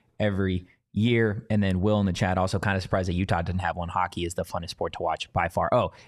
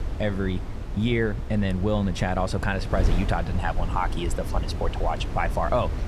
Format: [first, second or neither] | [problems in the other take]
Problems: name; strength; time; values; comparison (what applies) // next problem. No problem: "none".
first | wind noise on the microphone; occasional gusts; 10 dB below the speech